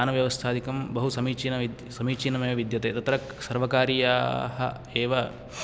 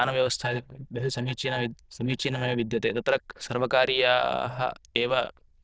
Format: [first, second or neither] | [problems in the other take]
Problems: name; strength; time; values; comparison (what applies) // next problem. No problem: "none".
first | noise reduction (neural diffusion model UNIVERSE++)